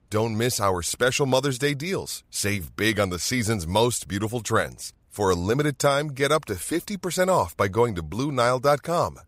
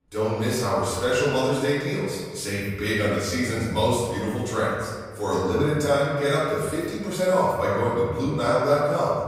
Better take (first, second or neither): first